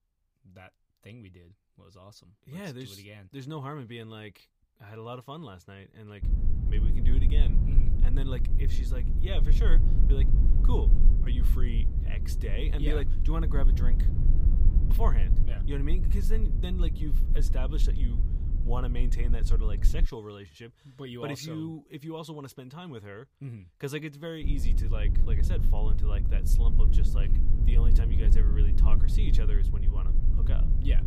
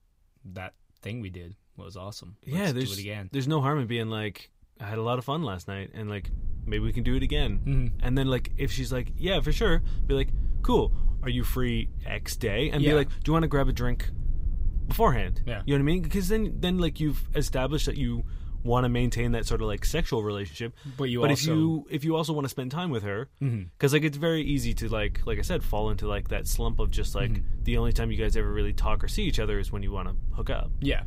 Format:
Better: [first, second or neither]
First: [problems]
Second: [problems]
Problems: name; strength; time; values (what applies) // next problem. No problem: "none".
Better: second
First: low rumble; loud; from 6 to 20 s and from 24 s on; 4 dB below the speech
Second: low rumble; faint; from 6 to 20 s and from 24 s on; 25 dB below the speech